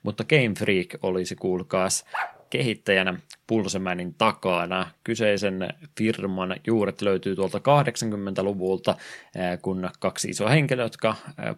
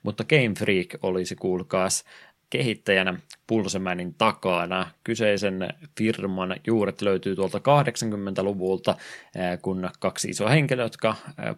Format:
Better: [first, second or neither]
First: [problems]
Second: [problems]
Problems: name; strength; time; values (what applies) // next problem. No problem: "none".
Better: second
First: dog barking; noticeable; at 2 s; peak 6 dB below the speech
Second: none